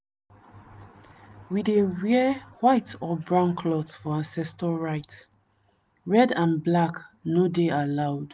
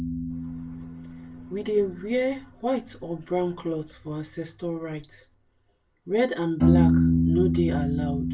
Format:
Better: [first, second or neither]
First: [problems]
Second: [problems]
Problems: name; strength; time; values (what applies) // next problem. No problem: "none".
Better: first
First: none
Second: background sound (Piano); 2 dB above the speech // room echo; dies away in 0.2 s